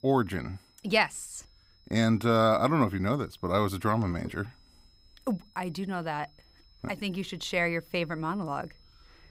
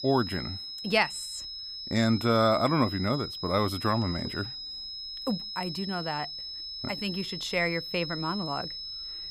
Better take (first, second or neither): first